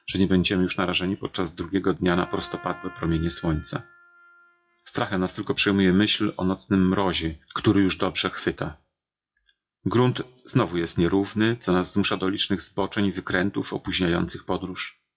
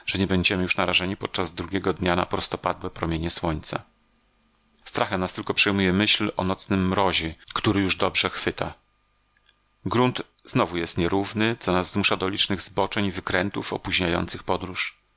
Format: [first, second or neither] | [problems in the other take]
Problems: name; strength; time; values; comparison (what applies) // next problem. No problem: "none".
second | noise reduction (classical method WPE with log-MMSE)